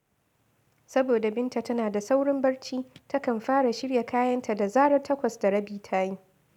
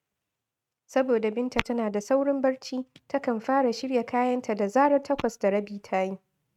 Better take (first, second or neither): first